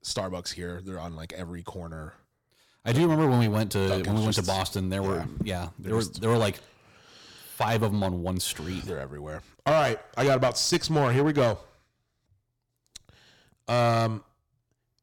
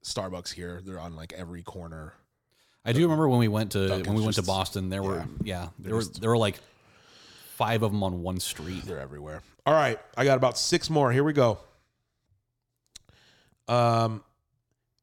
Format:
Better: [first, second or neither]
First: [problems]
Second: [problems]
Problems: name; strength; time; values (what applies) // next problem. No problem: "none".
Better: second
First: distortion; slight; 4% of the sound clipped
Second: none